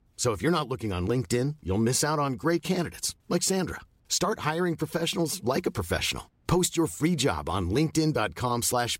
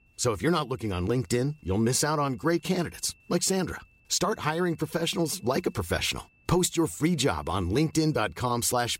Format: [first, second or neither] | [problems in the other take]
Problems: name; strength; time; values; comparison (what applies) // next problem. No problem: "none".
first | high-pitched whine; faint; throughout; 2.5 kHz, 35 dB below the speech